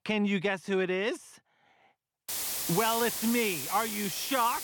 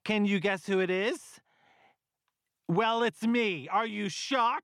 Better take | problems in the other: second | hiss; loud; from 2.5 s on; 3 dB below the speech

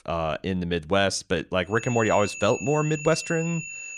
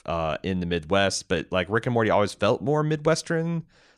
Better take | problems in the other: second | high-pitched whine; loud; from 2 s on; 2.5 kHz, 9 dB below the speech

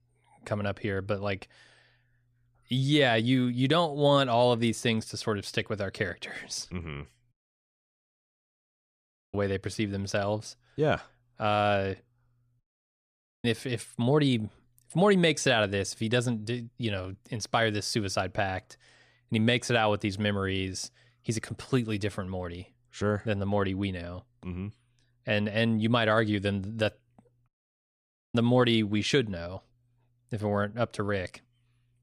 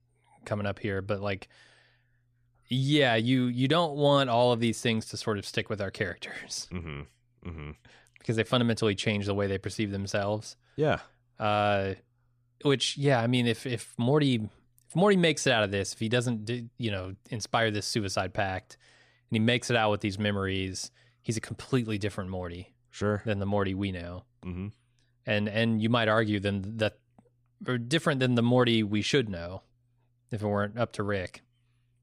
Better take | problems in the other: second | audio cutting out; at 7.5 s for 2 s, at 13 s for 1 s and at 27 s for 1 s

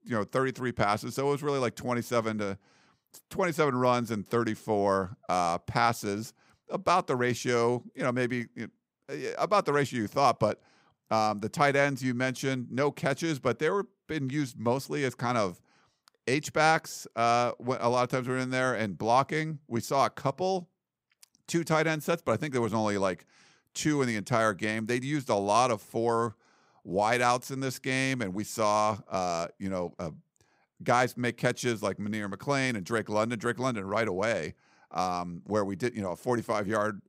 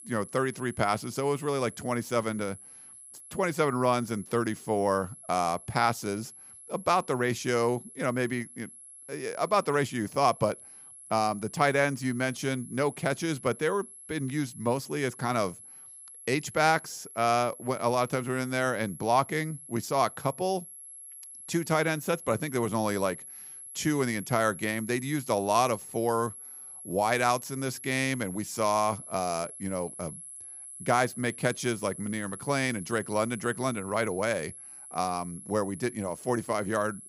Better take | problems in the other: first | high-pitched whine; noticeable; throughout; 11 kHz, 15 dB below the speech

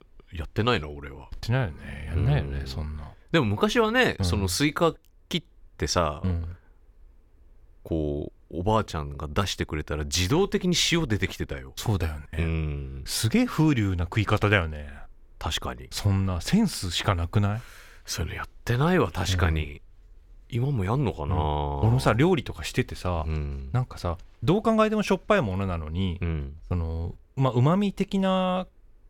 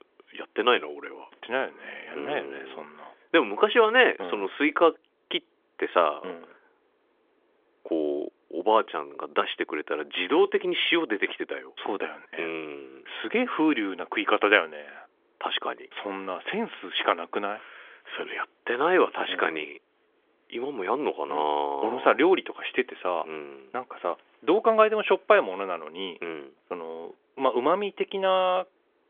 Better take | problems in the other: first | phone-call audio; nothing above 3.5 kHz

